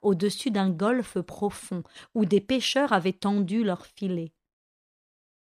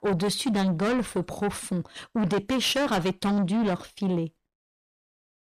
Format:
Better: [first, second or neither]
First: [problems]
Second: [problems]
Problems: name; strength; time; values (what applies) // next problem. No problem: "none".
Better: first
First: none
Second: distortion; heavy; 7 dB below the speech